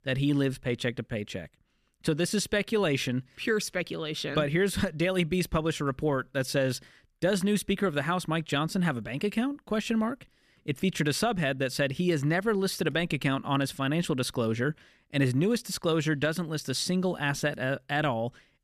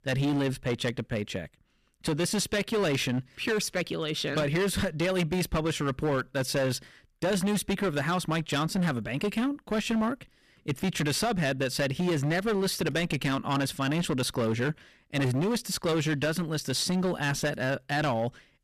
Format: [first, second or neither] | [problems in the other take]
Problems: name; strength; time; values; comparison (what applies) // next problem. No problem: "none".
first | distortion; slight; 17% of the sound clipped